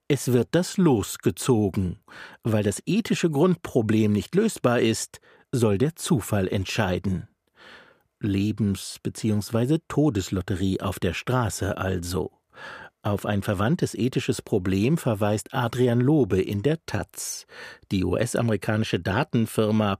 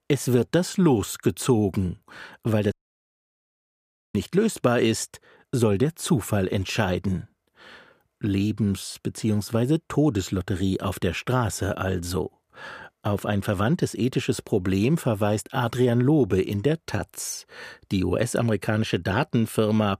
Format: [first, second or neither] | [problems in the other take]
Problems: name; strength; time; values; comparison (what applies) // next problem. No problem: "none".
first | audio cutting out; at 2.5 s for 1.5 s